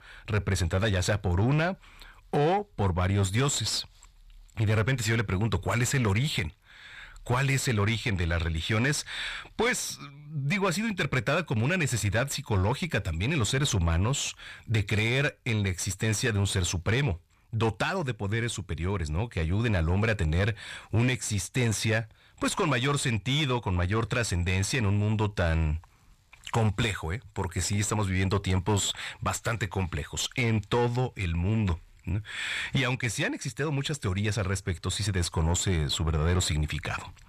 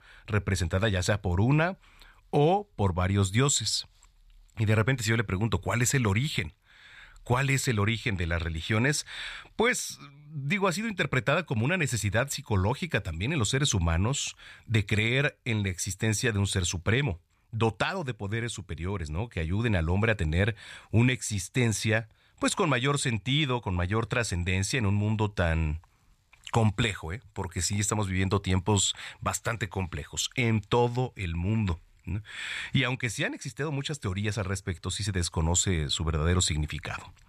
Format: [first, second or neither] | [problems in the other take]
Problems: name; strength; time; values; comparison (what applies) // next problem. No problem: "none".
second | distortion; slight; 10 dB below the speech